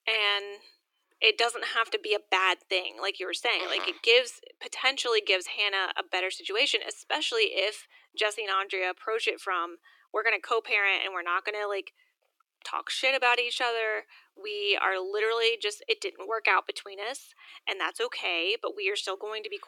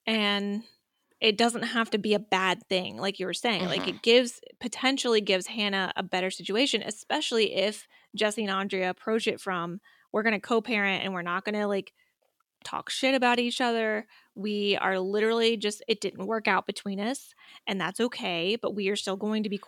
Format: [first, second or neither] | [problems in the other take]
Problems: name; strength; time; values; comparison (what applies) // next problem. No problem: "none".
second | thin; very; fading below 300 Hz